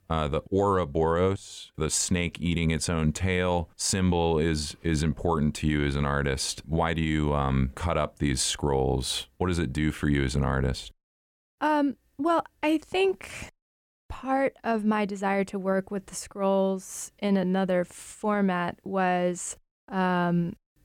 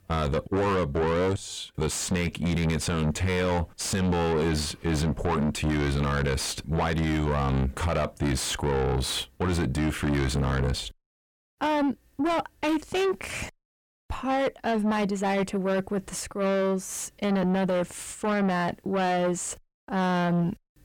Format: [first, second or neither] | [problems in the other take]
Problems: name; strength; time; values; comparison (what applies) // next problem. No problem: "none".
first | distortion; heavy; 7 dB below the speech